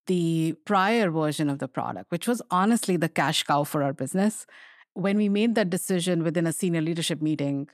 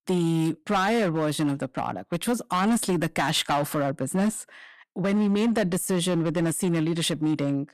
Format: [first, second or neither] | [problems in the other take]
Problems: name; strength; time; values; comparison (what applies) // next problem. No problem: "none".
first | distortion; slight; 12% of the sound clipped